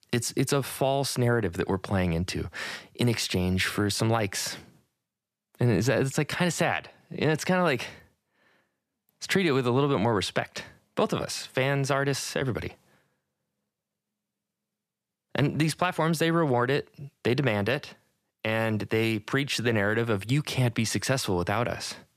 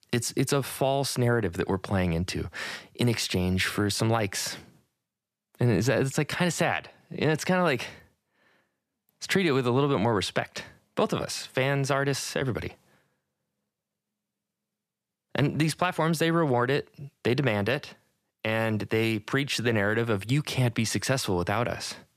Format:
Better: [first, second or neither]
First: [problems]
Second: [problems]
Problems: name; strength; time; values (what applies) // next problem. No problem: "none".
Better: neither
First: none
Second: none